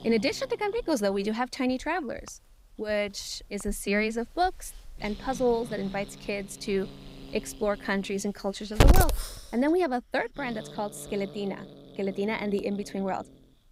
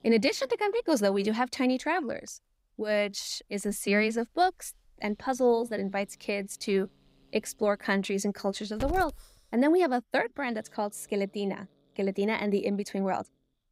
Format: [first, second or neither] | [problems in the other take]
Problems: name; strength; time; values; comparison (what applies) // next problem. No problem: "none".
second | hiss; loud; throughout; 2 dB below the speech; faint in the second